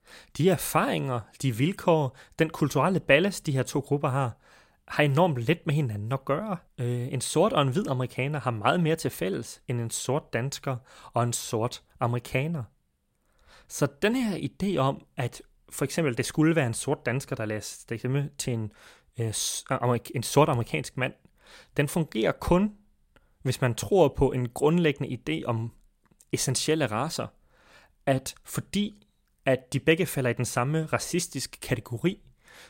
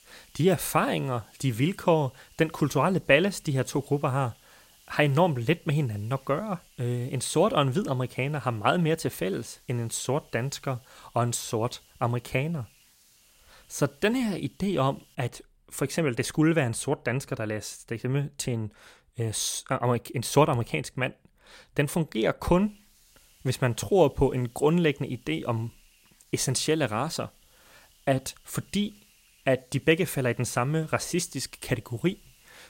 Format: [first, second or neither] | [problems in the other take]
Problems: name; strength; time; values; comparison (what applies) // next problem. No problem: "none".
first | hiss; faint; until 15 s and from 23 s on; 30 dB below the speech